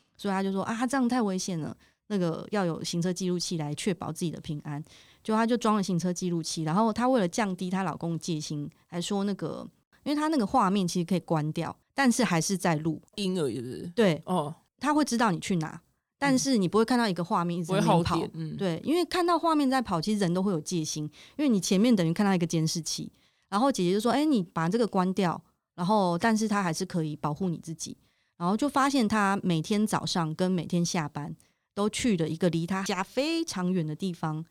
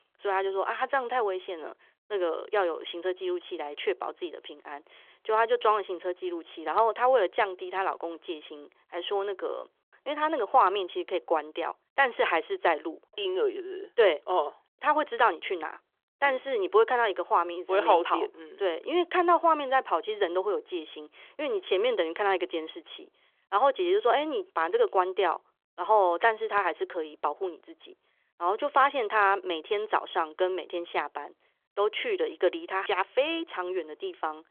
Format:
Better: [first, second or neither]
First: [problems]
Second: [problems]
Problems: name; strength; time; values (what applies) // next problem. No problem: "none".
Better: first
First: none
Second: phone-call audio; nothing above 3.5 kHz